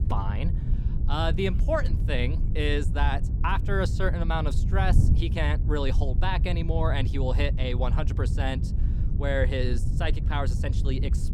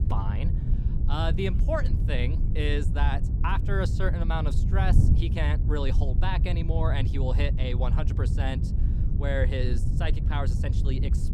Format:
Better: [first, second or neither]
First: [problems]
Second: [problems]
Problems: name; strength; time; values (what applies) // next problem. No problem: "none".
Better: first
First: wind noise on the microphone; occasional gusts; 10 dB below the speech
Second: wind noise on the microphone; heavy; 8 dB below the speech